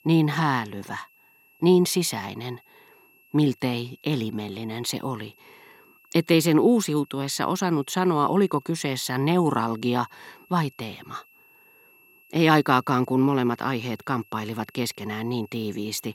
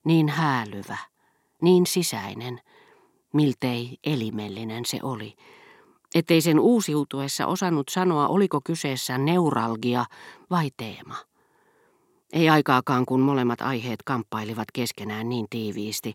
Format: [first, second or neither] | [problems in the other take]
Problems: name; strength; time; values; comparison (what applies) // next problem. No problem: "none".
second | high-pitched whine; faint; throughout; 2.5 kHz, 30 dB below the speech